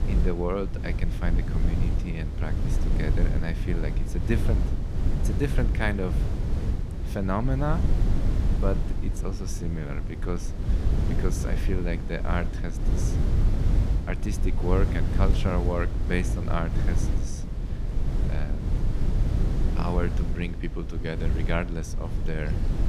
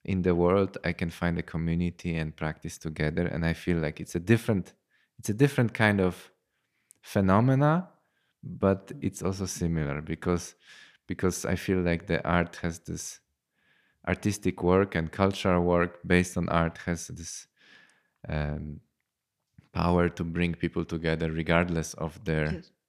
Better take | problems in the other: second | wind noise on the microphone; heavy; 6 dB below the speech

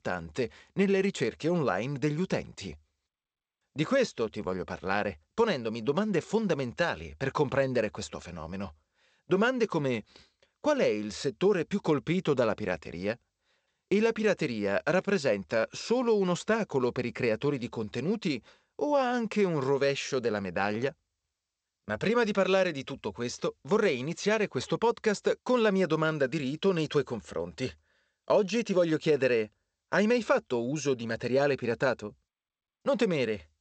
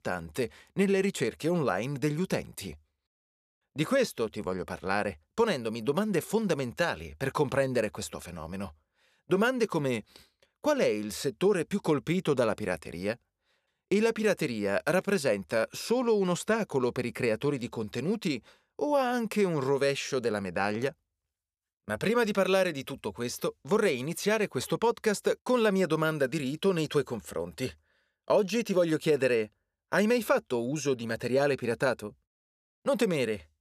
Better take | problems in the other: second | garbled, watery; slightly; nothing above 8 kHz

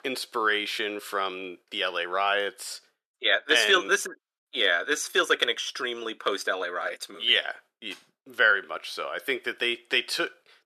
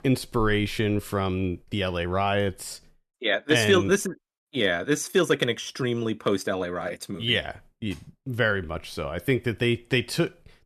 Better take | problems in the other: second | thin; very; fading below 400 Hz

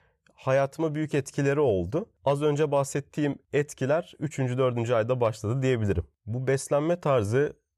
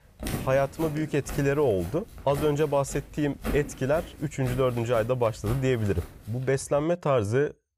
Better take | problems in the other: first | footsteps; noticeable; until 7 s; peak 6 dB below the speech

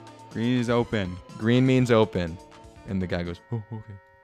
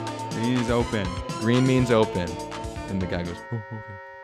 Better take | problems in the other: first | background music; loud; throughout; 8 dB below the speech; faint in the first

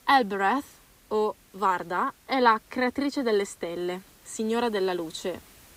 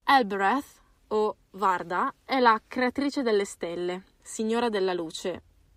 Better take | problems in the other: second | hiss; faint; throughout; 25 dB below the speech

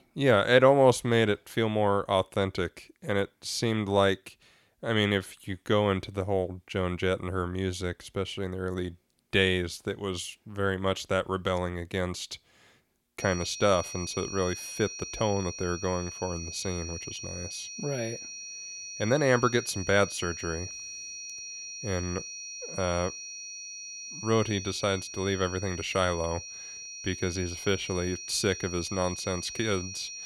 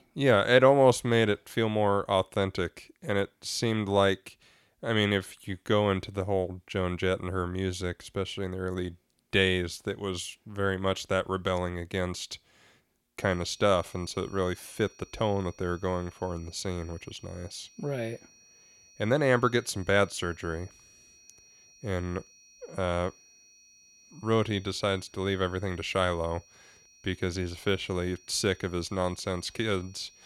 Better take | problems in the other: second | high-pitched whine; loud; from 13 s on; 5.5 kHz, 9 dB below the speech; faint in the second

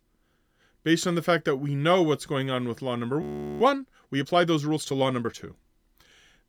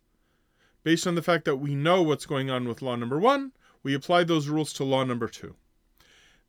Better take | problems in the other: second | audio freezing; at 3 s

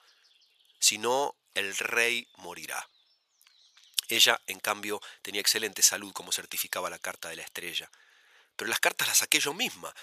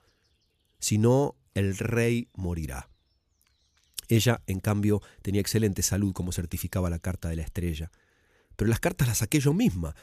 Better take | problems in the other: second | thin; very; fading below 900 Hz

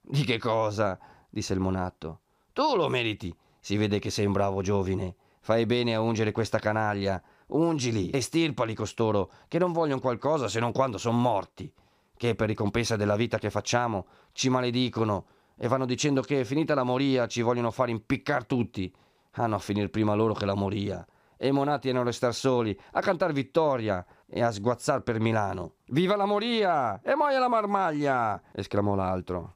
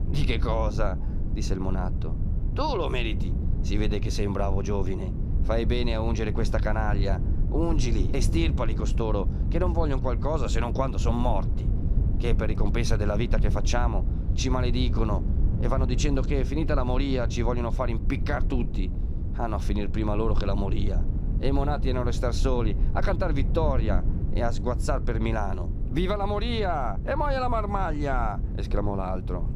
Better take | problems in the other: first | low rumble; noticeable; throughout; 10 dB below the speech

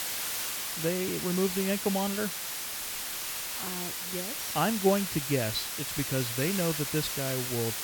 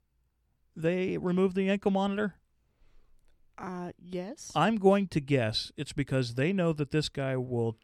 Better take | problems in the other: second | hiss; loud; throughout; 1 dB below the speech

